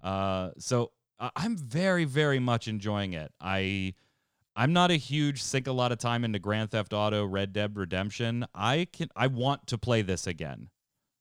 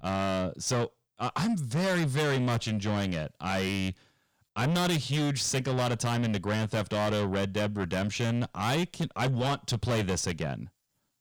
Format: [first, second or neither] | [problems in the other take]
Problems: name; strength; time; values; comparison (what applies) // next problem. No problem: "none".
first | distortion; heavy; 6 dB below the speech